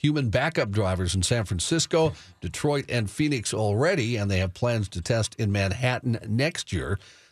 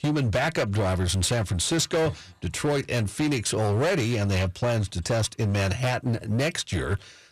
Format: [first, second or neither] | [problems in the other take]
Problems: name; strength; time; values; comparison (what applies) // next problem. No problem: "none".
first | distortion; slight; 17% of the sound clipped